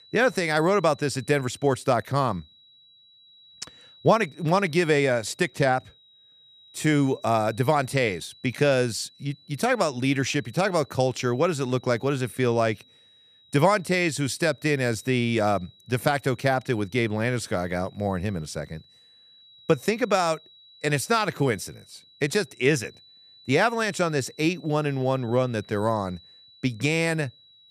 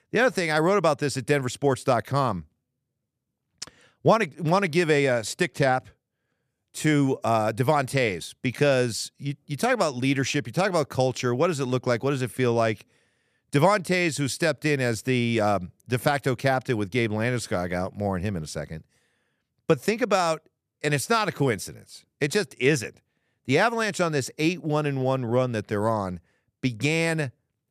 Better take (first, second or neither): second